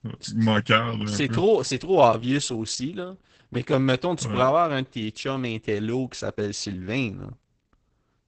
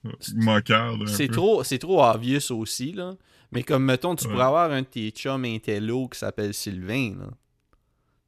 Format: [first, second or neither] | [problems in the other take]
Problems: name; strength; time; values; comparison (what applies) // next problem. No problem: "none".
second | garbled, watery; badly; nothing above 8 kHz